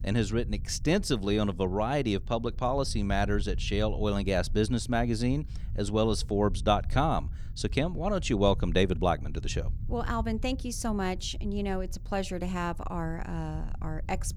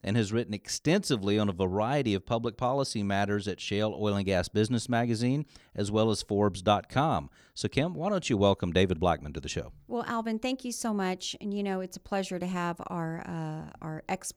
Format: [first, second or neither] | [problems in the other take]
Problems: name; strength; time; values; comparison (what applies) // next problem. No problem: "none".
second | low rumble; faint; throughout; 25 dB below the speech